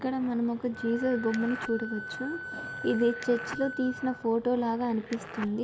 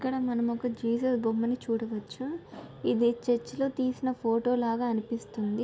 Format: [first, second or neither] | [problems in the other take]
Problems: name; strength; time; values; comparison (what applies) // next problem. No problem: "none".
second | background sound (Wind instrument, woodwind instrument + Zipper (clothing)); 11 dB below the speech